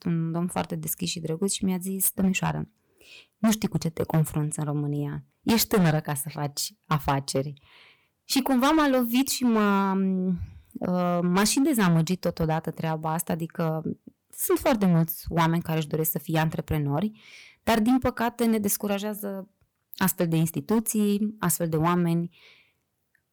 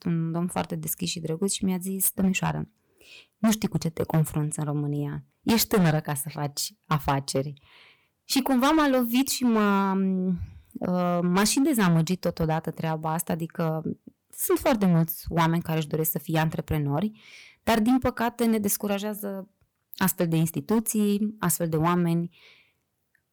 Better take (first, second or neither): neither